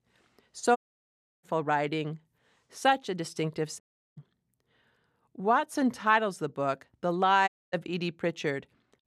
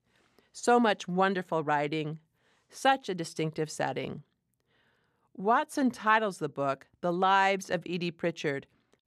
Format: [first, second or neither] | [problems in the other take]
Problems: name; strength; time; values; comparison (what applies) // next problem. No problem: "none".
second | audio cutting out; at 1 s for 0.5 s, at 4 s and at 7.5 s